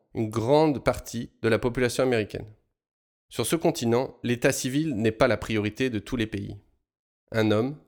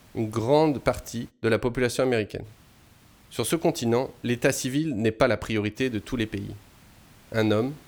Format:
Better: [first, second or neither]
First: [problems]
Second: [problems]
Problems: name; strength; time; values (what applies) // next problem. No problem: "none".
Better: first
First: none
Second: hiss; faint; until 1.5 s, from 2.5 to 5 s and from 6 s on; 30 dB below the speech